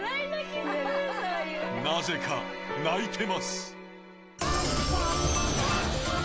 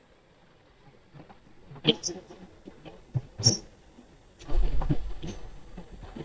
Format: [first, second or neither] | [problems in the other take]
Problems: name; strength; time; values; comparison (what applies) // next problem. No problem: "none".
first | noise reduction (neural mask model DeepFilterNet 3)